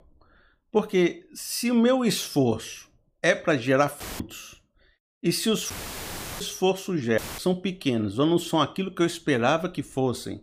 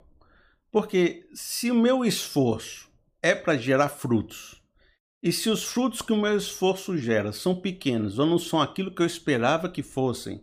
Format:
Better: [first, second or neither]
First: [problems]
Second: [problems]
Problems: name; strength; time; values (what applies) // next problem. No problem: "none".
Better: second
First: audio cutting out; filled with static; at 4 s, at 5.5 s for 0.5 s and at 7 s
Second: none